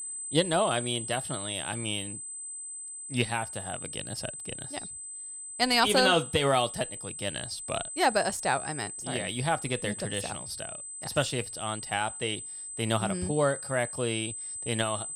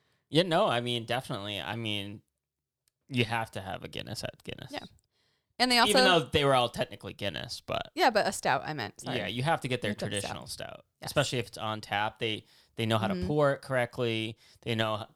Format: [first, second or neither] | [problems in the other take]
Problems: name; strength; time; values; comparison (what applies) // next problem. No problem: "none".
second | high-pitched whine; loud; throughout; 8 kHz, 7 dB below the speech